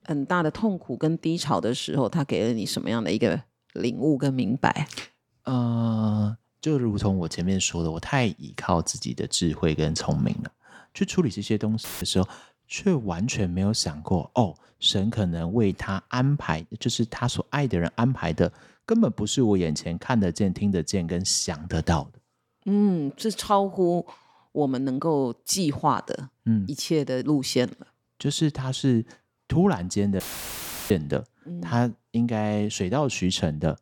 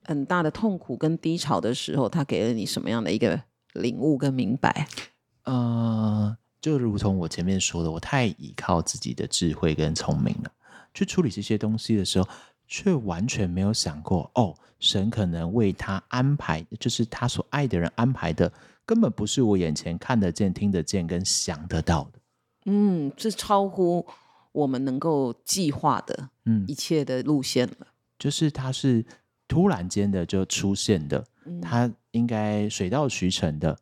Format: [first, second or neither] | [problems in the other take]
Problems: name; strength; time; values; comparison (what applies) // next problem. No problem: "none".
second | audio cutting out; filled with static; at 12 s and at 30 s for 0.5 s